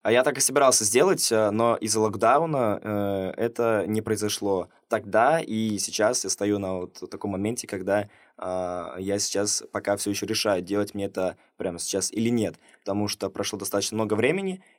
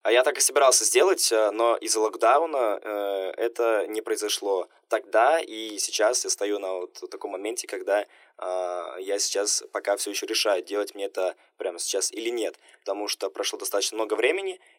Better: first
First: none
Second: thin; very; fading below 350 Hz

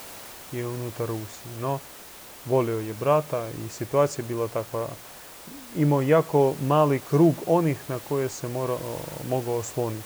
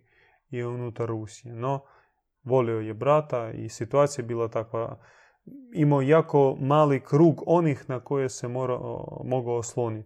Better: second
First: hiss; noticeable; throughout; 15 dB below the speech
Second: none

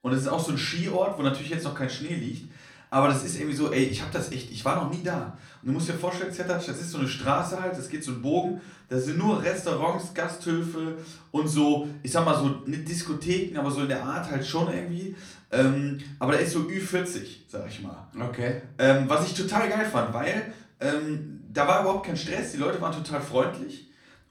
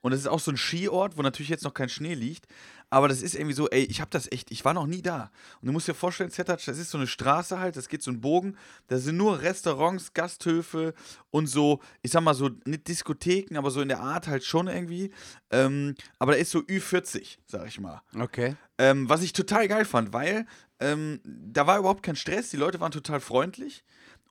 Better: second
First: room echo; slight; dies away in 0.4 s // off-mic speech; far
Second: none

